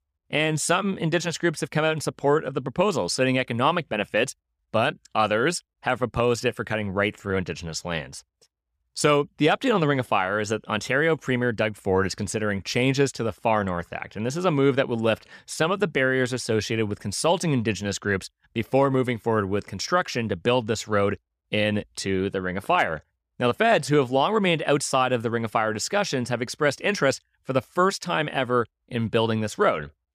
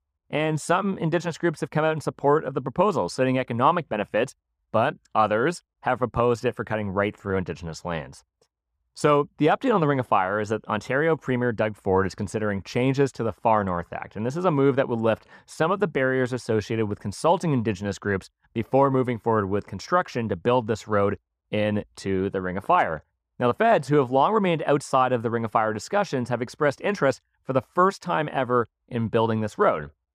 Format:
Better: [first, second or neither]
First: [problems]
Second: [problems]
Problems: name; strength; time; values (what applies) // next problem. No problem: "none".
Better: first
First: none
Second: muffled; slightly; fading above 2 kHz